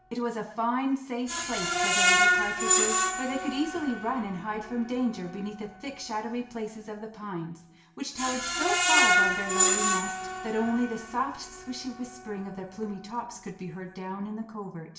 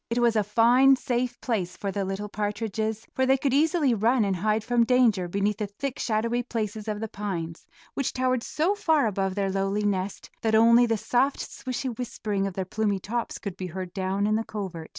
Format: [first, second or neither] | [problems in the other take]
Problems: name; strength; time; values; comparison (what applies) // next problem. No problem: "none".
second | background sound (Screech); 3 dB above the speech // room echo; dies away in 0.8 s